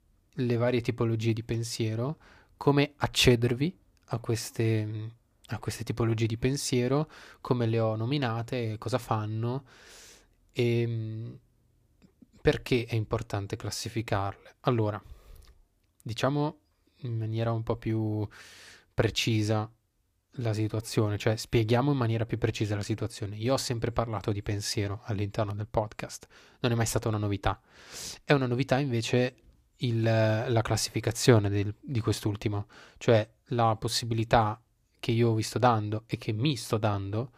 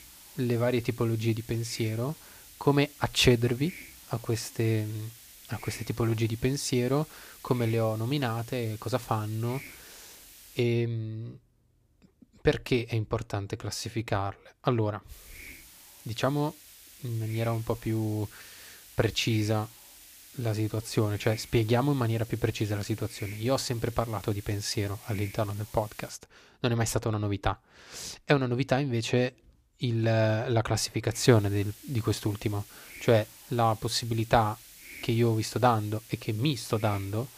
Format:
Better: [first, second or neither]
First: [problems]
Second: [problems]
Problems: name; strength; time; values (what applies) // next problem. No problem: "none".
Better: first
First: none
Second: hiss; noticeable; until 11 s, from 15 to 26 s and from 31 s on; 20 dB below the speech